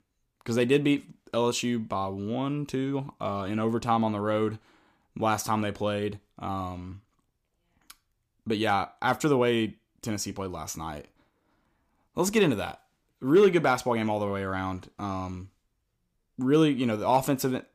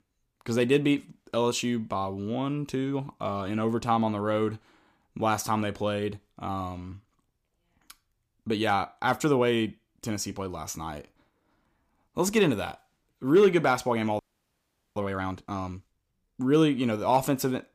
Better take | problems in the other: first | audio freezing; at 14 s for 1 s

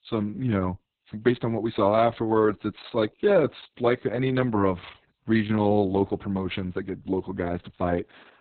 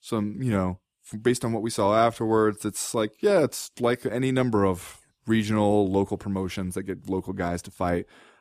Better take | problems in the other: second | garbled, watery; badly; nothing above 4 kHz

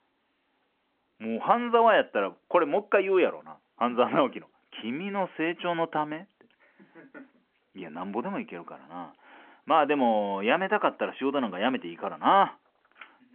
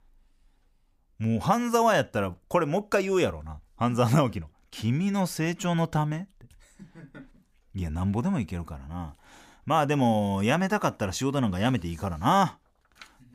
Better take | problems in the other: second | phone-call audio

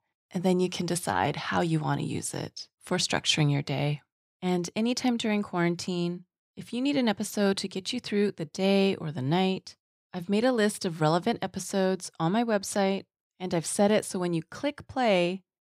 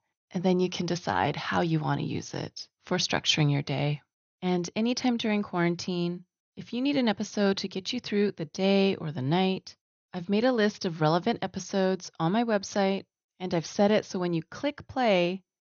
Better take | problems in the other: first | garbled, watery; slightly; nothing above 6.5 kHz

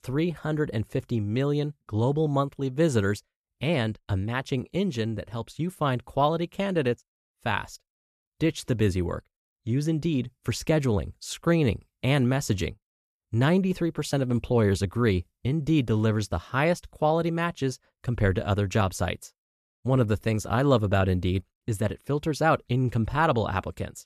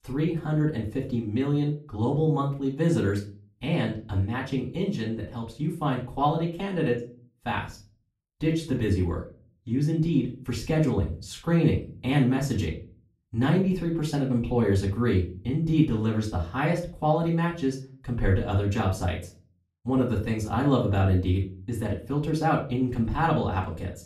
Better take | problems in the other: first | off-mic speech; far // room echo; slight; dies away in 0.3 s

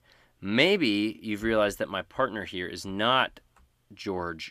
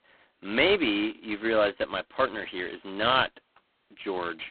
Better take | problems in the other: first | phone-call audio; poor line

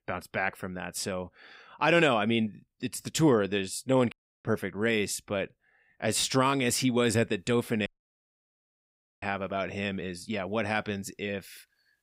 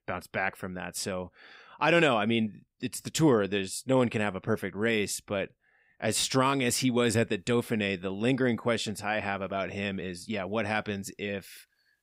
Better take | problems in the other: second | audio cutting out; at 4 s and at 8 s for 1.5 s

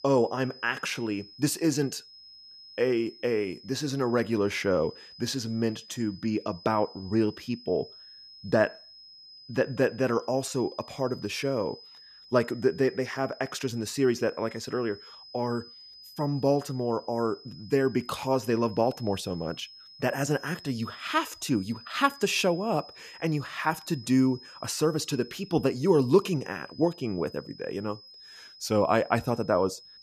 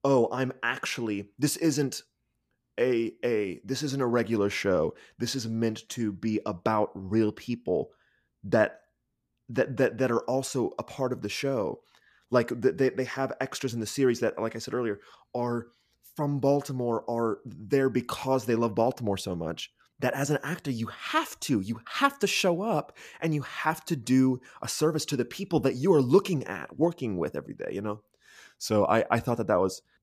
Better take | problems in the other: second | high-pitched whine; noticeable; throughout; 5 kHz, 20 dB below the speech

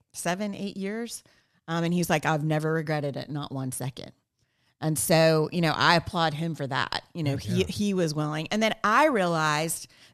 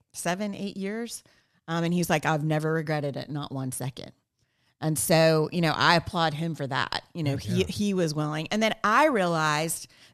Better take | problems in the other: neither | none

